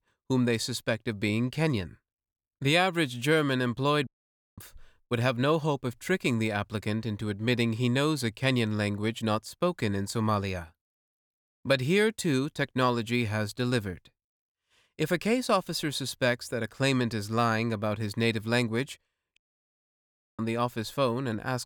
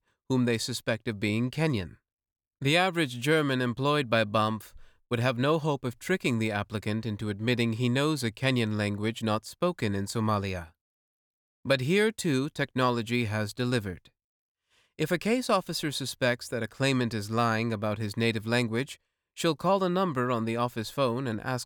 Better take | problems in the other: second | audio cutting out; at 4 s for 0.5 s and at 19 s for 1 s

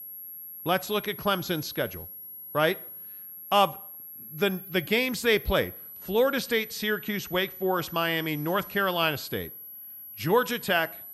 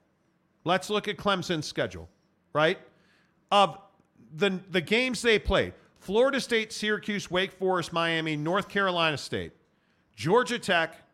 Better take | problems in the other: second | high-pitched whine; noticeable; throughout; 11.5 kHz, 15 dB below the speech

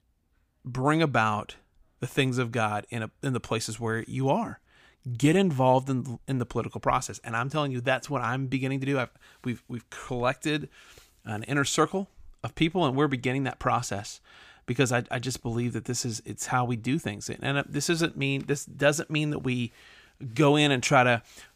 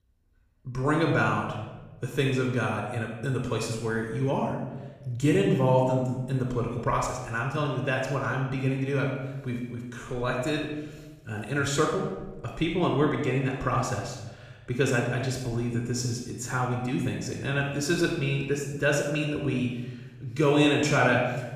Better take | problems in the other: first | room echo; noticeable; dies away in 1 s // off-mic speech; somewhat distant

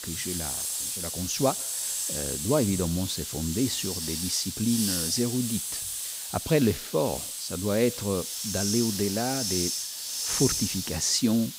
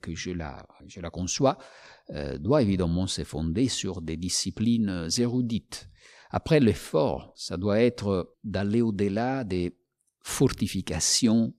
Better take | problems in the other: second | hiss; loud; throughout; 2 dB below the speech

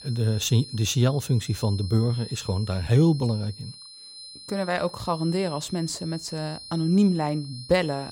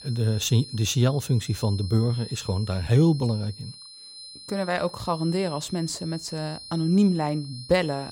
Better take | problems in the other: neither | high-pitched whine; noticeable; throughout; 4 kHz, 15 dB below the speech; the same in both

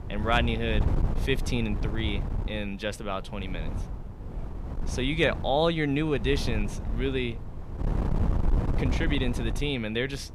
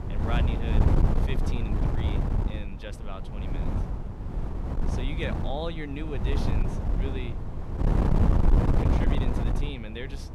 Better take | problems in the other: first | wind noise on the microphone; heavy; 2 dB above the speech; occasional gusts in the first

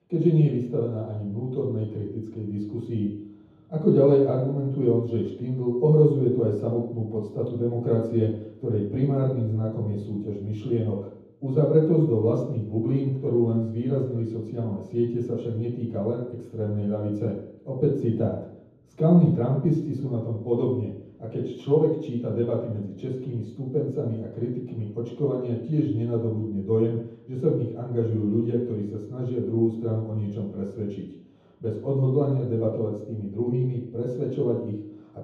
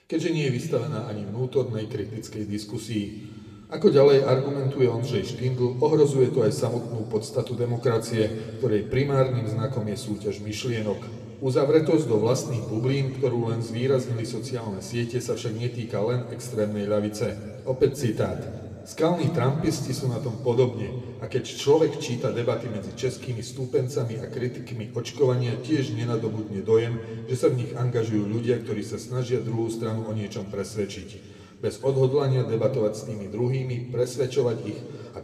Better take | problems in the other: second | room echo; strong; dies away in 0.9 s; slight in the second // off-mic speech; far

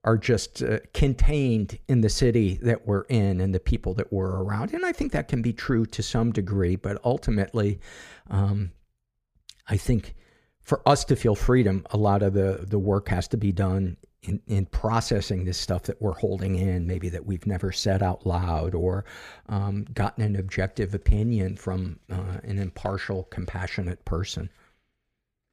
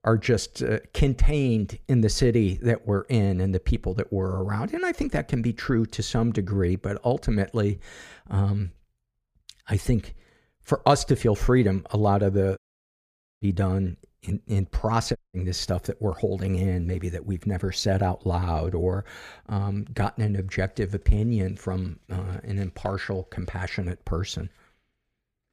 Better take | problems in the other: first | audio cutting out; at 13 s for 1 s and at 15 s

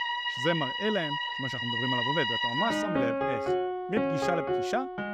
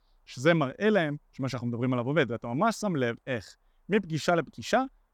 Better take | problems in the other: second | background music; very loud; throughout; 4 dB above the speech

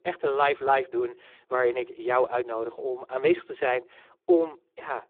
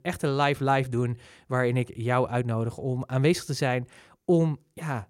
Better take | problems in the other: second | phone-call audio; poor line

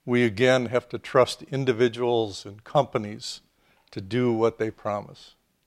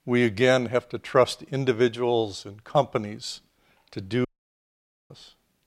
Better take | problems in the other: first | audio cutting out; at 4.5 s for 1 s

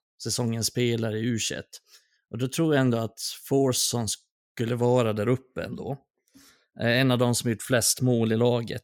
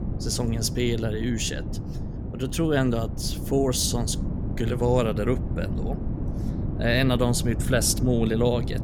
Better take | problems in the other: first | wind noise on the microphone; occasional gusts; 10 dB below the speech

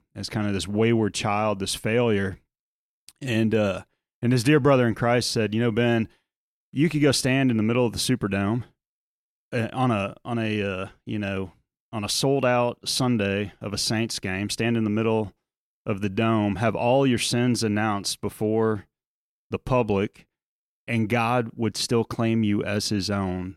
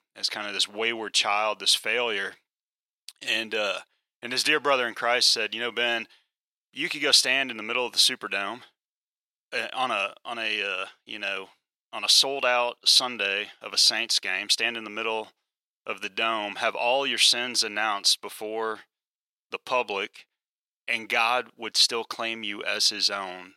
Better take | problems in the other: first | thin; very; fading below 700 Hz

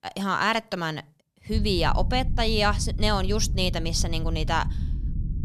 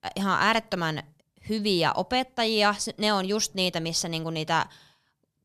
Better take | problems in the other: second | low rumble; noticeable; from 1.5 s on; 20 dB below the speech

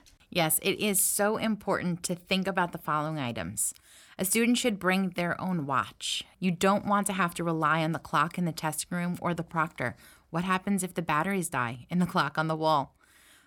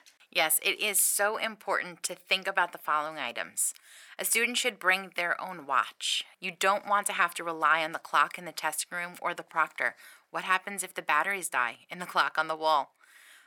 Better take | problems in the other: first | thin; very; fading below 550 Hz

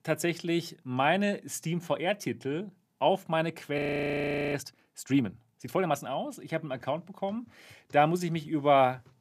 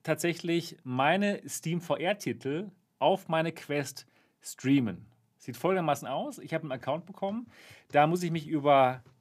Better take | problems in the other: second | audio freezing; at 4 s for 1 s

